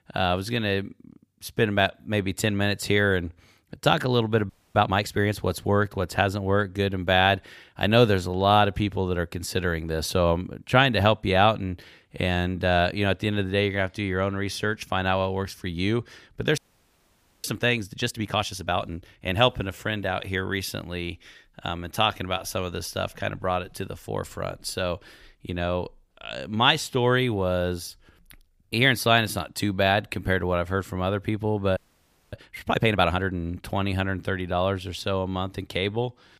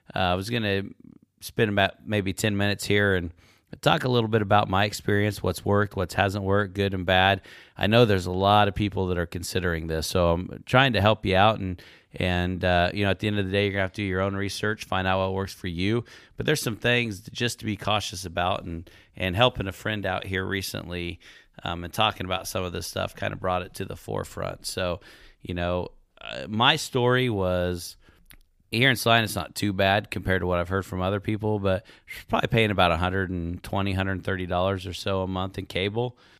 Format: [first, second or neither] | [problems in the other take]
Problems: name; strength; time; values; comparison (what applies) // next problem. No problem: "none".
second | audio freezing; at 4.5 s, at 17 s for 1 s and at 32 s for 0.5 s